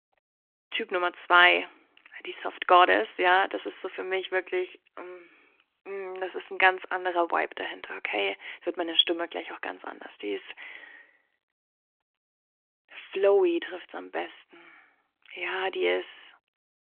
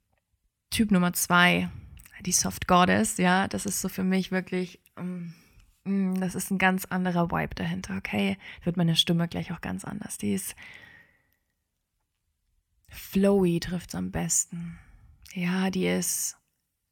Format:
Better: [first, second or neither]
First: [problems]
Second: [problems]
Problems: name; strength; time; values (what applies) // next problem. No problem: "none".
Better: second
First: phone-call audio; nothing above 3.5 kHz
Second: none